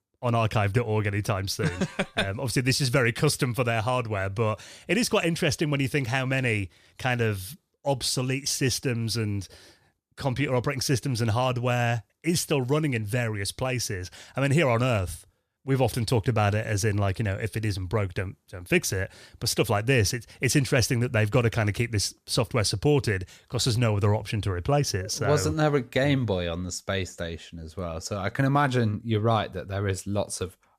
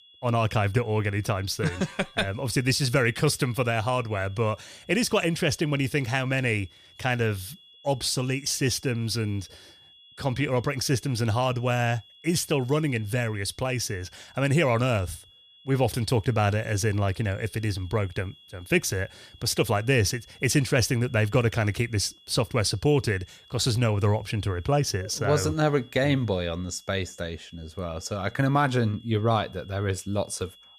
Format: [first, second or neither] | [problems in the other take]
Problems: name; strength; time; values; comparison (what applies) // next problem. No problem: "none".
first | high-pitched whine; faint; throughout; 3.5 kHz, 25 dB below the speech